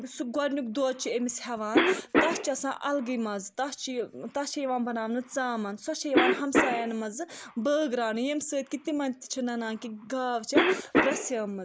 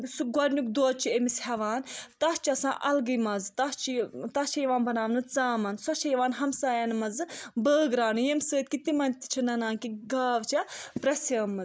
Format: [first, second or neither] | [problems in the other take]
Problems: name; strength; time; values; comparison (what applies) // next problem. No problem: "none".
second | background sound (Cough); 1 dB below the speech